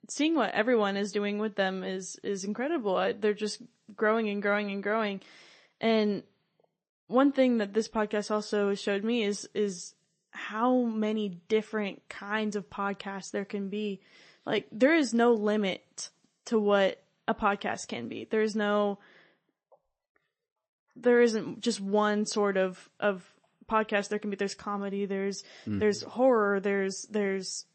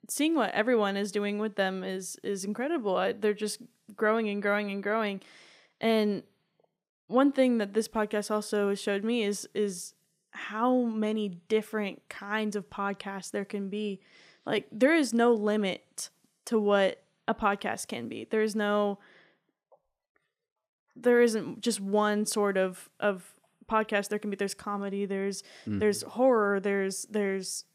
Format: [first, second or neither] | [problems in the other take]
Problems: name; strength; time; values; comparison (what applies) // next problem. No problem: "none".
second | garbled, watery; slightly; nothing above 8 kHz